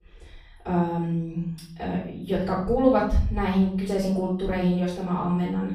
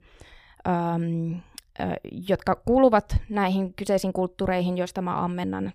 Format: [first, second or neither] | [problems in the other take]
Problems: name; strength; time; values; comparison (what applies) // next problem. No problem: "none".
second | off-mic speech; far // room echo; noticeable; dies away in 0.6 s